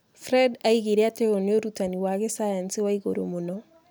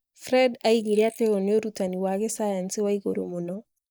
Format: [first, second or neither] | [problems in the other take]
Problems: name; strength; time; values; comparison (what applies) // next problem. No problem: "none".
first | noise reduction (neural mask model Resemble Enhance denoiser)